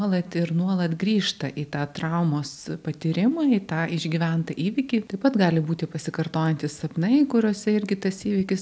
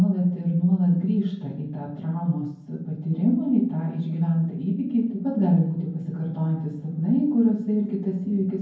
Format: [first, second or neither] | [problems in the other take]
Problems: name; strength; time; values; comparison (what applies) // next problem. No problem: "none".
first | room echo; dies away in 0.9 s